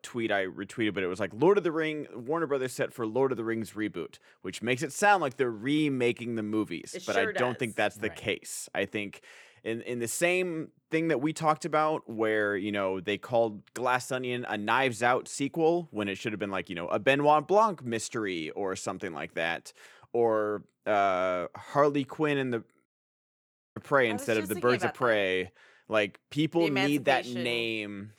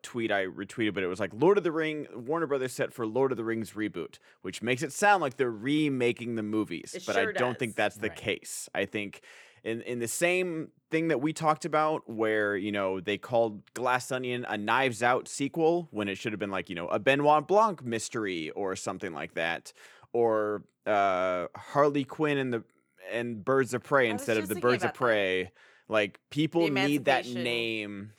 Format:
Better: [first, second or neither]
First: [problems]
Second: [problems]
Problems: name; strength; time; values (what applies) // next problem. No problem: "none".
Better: second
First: audio cutting out; at 23 s for 1 s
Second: none